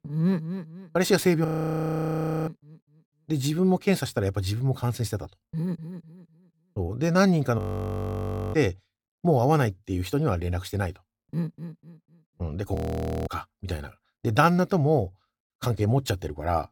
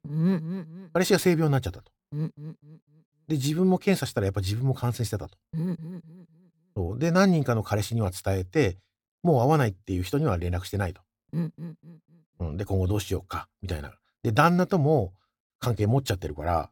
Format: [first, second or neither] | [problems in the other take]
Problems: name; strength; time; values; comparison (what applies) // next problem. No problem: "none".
second | audio freezing; at 1.5 s for 1 s, at 7.5 s for 1 s and at 13 s for 0.5 s